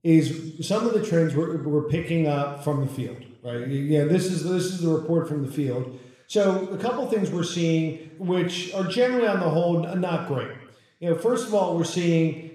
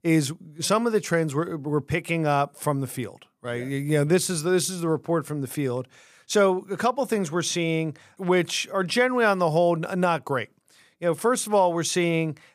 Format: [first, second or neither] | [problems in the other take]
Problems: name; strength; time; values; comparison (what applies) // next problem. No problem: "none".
second | room echo; noticeable; dies away in 0.9 s // off-mic speech; somewhat distant